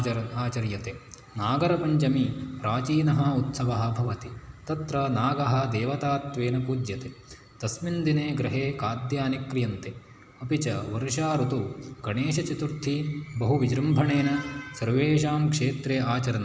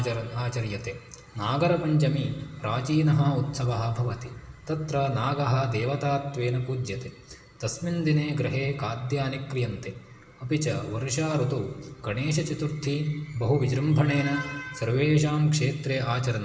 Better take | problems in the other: first | room echo; dies away in 0.7 s

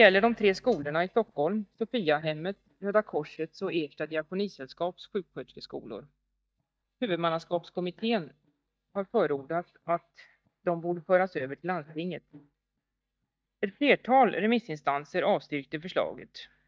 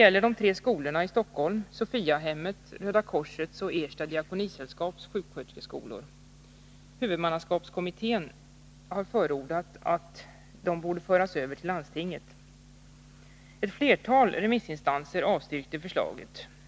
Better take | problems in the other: second | noise reduction (neural mask model DeepFilterNet 3)

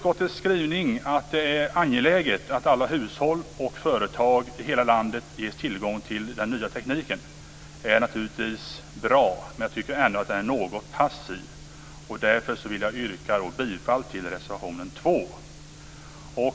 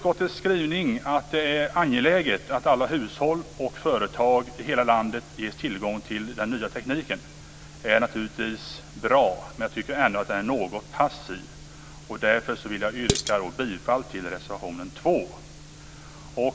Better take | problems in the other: first | background sound (Dishes, pots, and pans); 3 dB below the speech

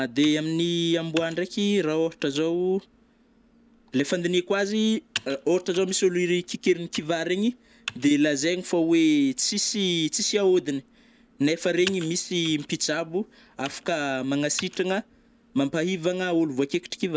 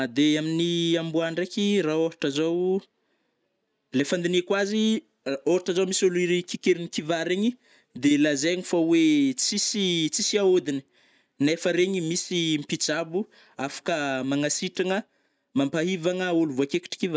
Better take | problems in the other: second | background sound (Computer keyboard); 20 dB below the speech

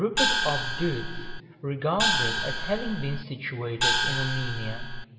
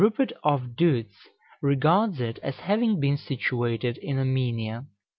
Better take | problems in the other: second | background sound (Gong); 3 dB above the speech // room echo; dies away in 2.6 s

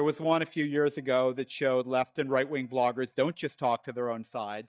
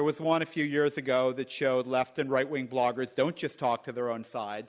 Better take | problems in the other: second | noise reduction (neural mask model DeepFilterNet 3)

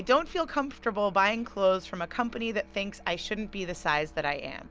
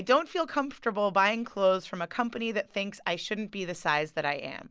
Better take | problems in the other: second | background sound (Cricket / Motor vehicle (road) + Musical instrument); 19 dB below the speech

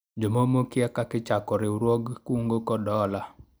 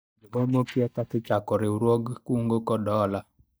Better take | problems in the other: first | noise reduction (neural mask model DeepFilterNet 3)

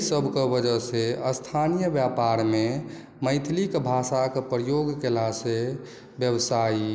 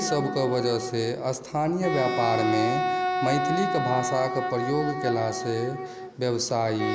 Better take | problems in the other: first | background sound (Wind instrument, woodwind instrument); 3 dB below the speech

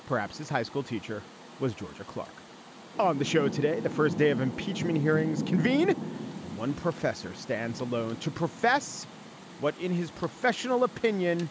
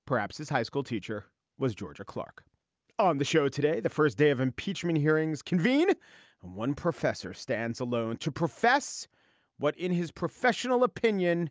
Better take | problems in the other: second | background sound (Rain); 9 dB below the speech

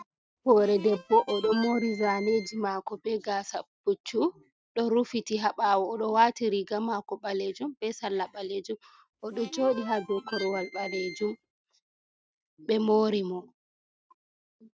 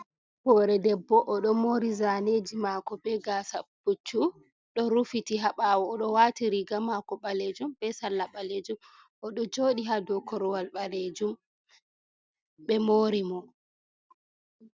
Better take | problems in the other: second | noise reduction (neural mask model RNNoise)

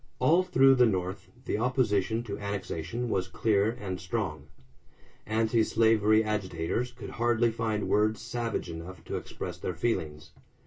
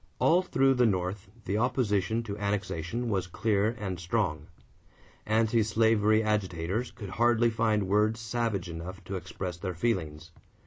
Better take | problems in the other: second | room echo; dies away in 0.1 s

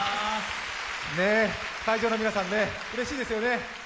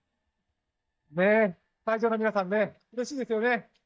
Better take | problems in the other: first | noise reduction (neural mask model DeepFilterNet 3)

